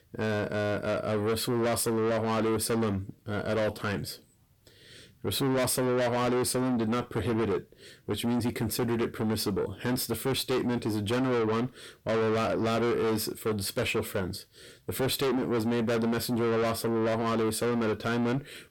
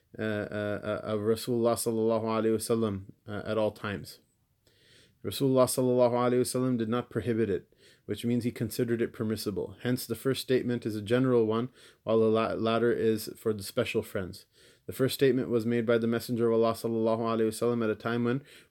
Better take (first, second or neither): second